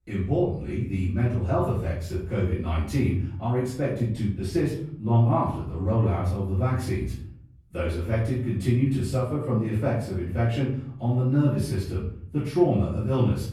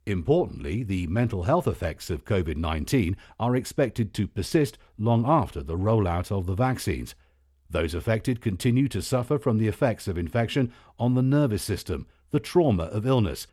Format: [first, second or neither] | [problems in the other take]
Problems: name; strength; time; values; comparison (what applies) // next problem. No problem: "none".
second | off-mic speech; far // room echo; noticeable; dies away in 0.8 s